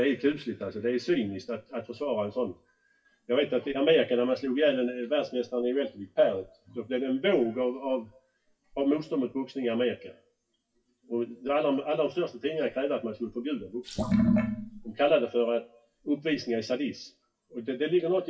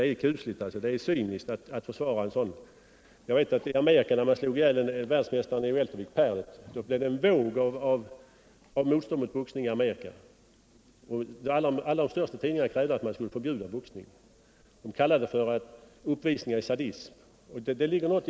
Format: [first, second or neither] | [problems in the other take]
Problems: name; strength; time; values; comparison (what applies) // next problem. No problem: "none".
second | noise reduction (classical method WPE with log-MMSE)